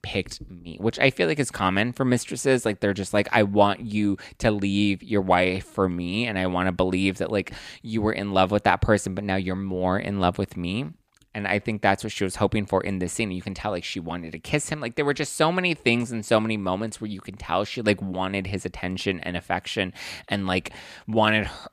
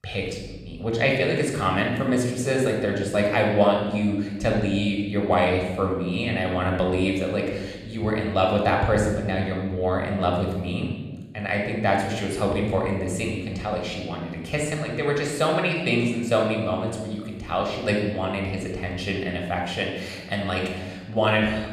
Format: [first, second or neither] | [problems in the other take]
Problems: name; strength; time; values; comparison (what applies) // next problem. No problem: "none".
first | room echo; noticeable; dies away in 1.2 s // off-mic speech; somewhat distant